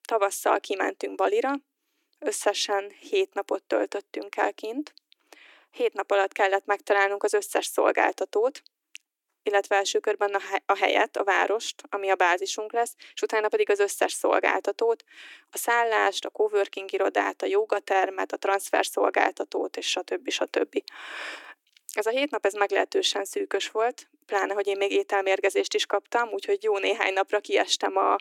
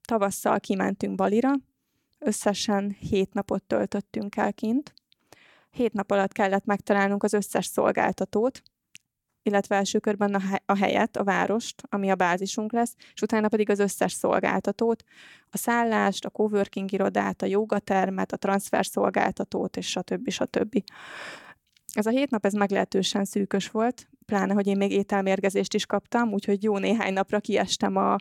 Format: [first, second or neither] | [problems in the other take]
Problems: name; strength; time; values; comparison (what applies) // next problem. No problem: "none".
second | thin; very; fading below 300 Hz